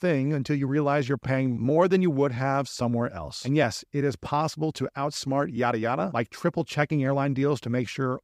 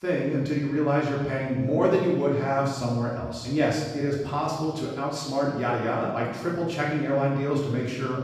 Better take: first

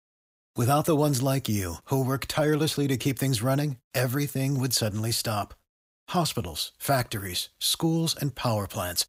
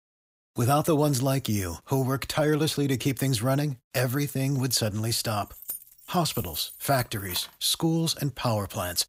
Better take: first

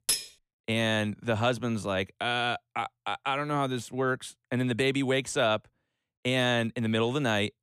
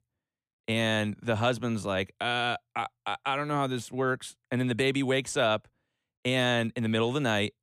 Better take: second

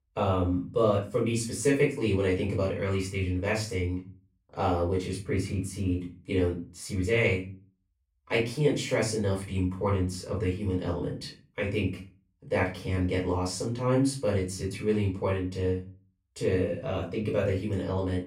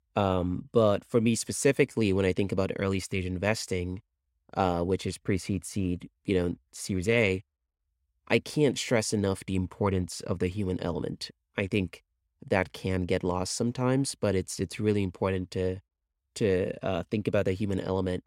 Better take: second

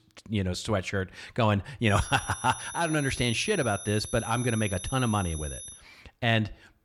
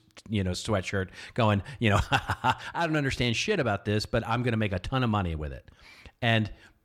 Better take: second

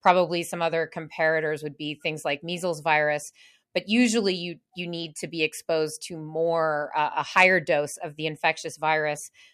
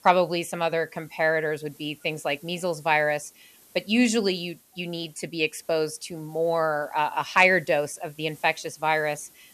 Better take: first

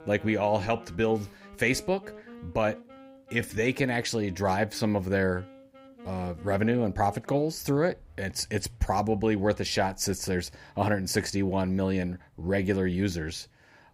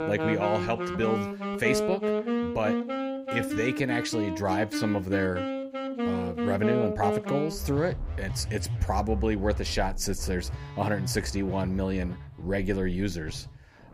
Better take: first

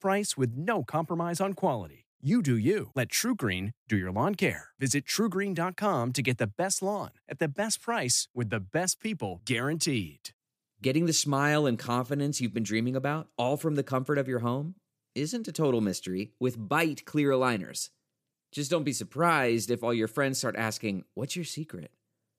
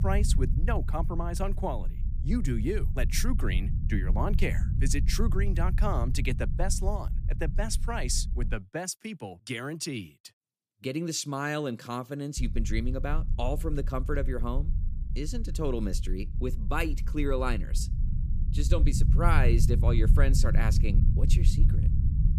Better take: first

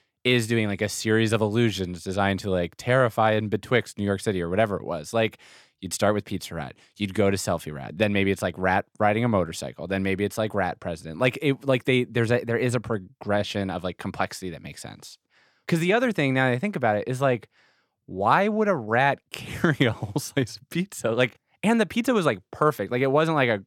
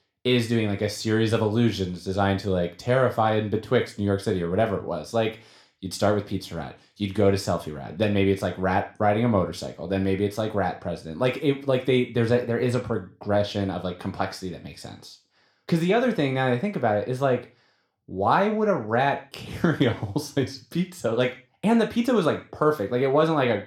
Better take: first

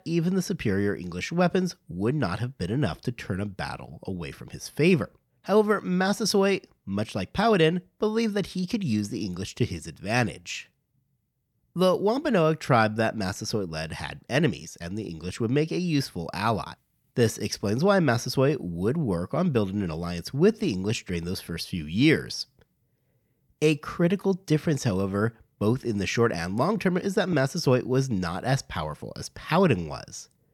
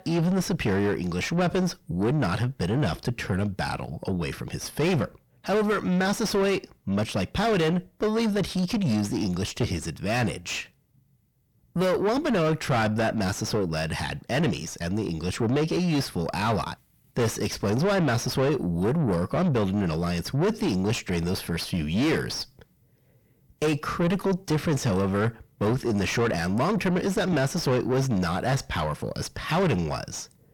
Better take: first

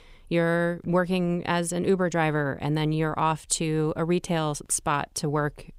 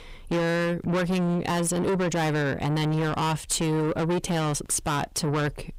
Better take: first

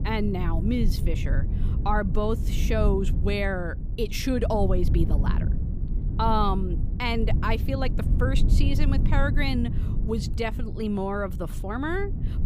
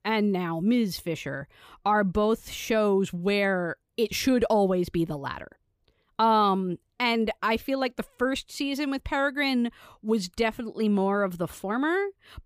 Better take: second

